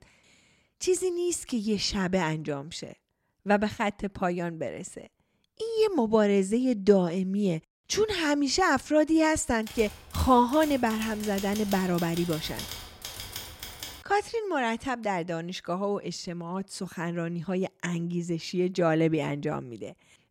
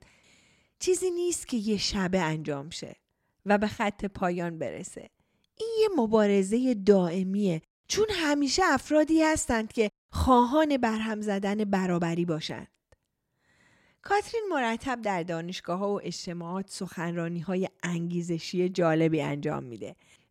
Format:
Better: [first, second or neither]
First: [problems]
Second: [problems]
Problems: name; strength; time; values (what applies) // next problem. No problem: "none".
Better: second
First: keyboard typing; noticeable; from 9.5 to 14 s; peak 9 dB below the speech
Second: none